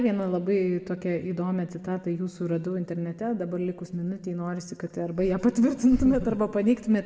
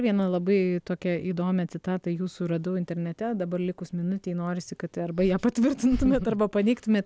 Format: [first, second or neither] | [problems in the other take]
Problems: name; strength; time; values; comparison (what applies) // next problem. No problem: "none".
second | room echo; dies away in 1.3 s